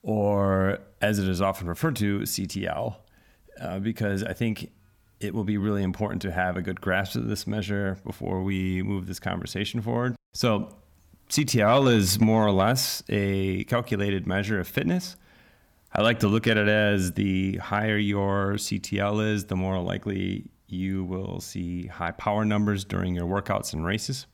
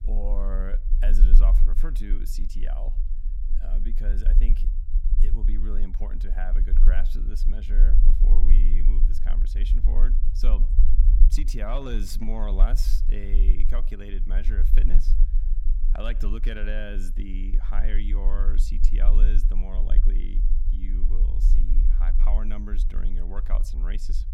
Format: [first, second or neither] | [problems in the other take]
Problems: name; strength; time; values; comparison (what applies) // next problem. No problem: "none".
first | low rumble; loud; throughout; 9 dB below the speech